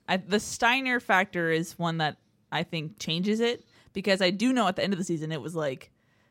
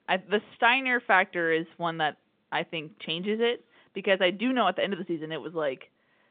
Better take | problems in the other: first | phone-call audio

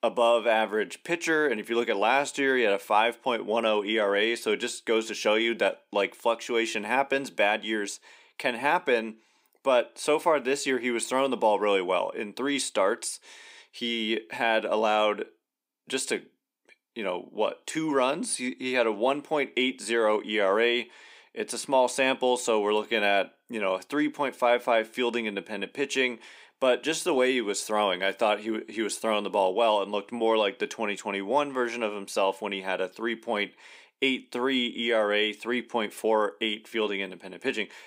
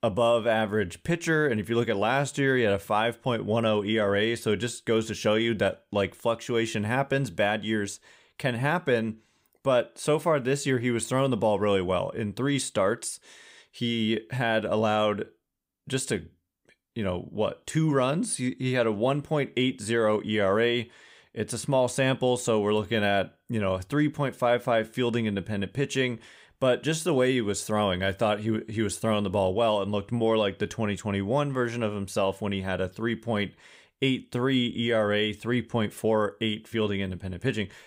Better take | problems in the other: second | thin; very slightly; fading below 250 Hz

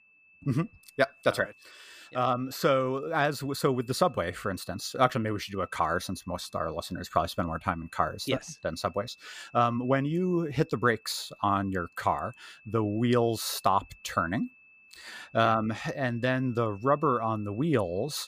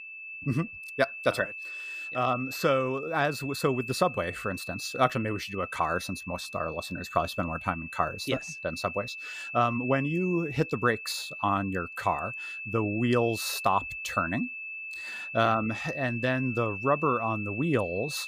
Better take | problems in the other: first | high-pitched whine; loud; throughout; 2.5 kHz, 8 dB below the speech; faint in the first

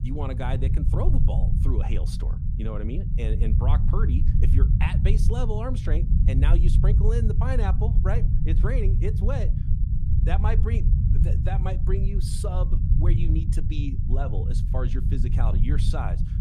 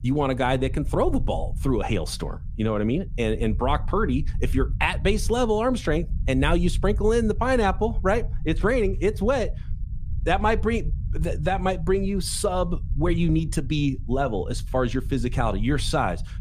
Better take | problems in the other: second | low rumble; loud; throughout; 4 dB below the speech; faint in the second

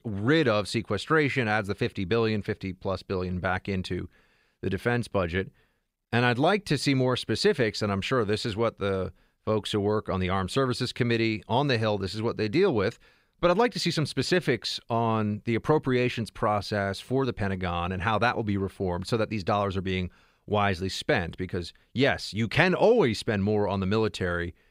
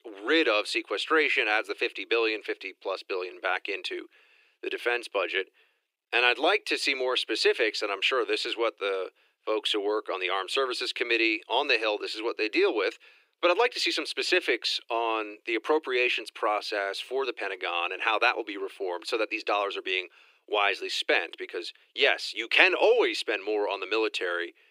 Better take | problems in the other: first | thin; very; fading below 300 Hz

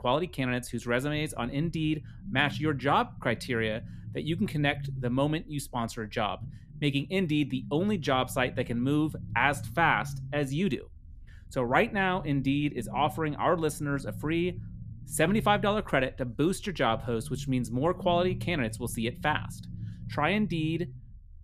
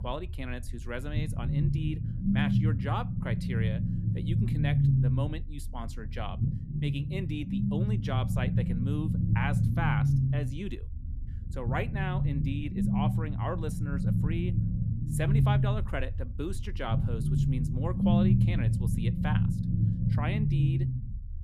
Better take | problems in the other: first | low rumble; loud; throughout; 1 dB below the speech; faint in the first

